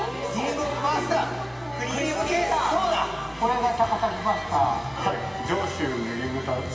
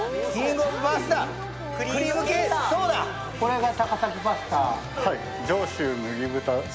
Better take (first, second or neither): second